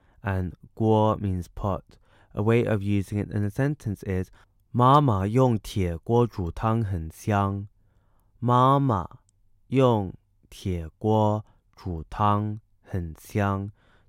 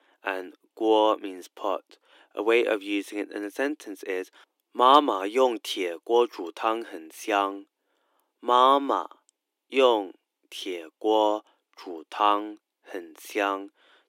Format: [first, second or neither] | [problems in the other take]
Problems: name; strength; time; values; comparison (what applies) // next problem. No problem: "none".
first | thin; very; fading below 300 Hz